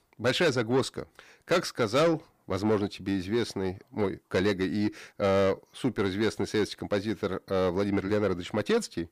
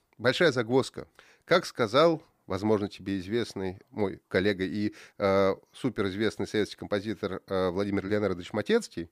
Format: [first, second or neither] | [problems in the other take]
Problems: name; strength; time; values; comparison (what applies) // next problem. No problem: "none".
second | distortion; slight; 10 dB below the speech